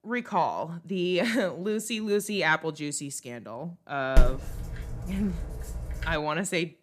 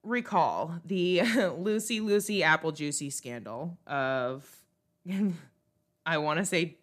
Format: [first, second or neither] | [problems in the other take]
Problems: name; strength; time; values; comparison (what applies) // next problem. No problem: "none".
second | dog barking; loud; at 4 s; peak 2 dB above the speech